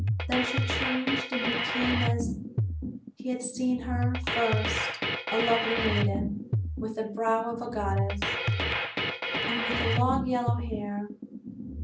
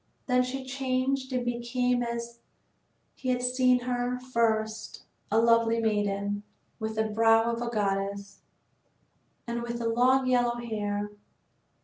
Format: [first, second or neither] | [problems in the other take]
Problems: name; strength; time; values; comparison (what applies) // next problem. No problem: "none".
second | background sound (Drum kit); 2 dB above the speech